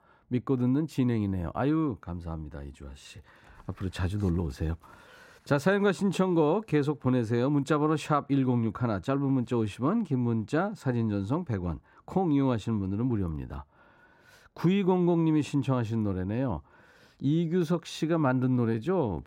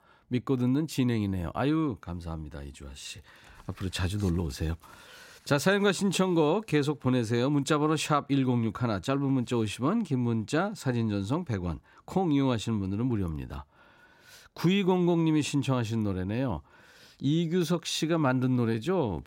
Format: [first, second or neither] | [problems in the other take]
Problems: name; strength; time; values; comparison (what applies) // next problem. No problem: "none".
second | muffled; slightly; fading above 2 kHz